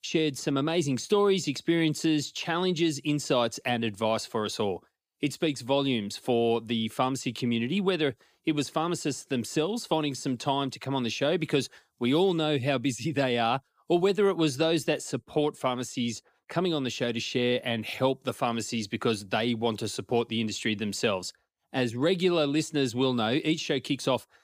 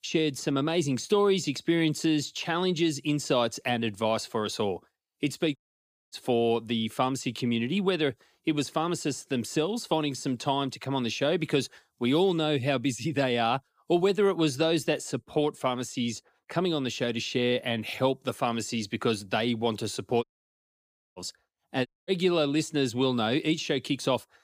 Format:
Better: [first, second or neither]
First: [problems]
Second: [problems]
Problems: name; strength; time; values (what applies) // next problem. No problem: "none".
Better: first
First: none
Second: audio cutting out; at 5.5 s for 0.5 s, at 20 s for 1 s and at 22 s